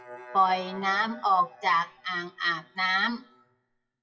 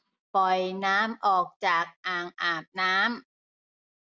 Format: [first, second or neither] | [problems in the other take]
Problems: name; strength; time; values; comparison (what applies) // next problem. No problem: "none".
second | noise reduction (classical method WPE with log-MMSE)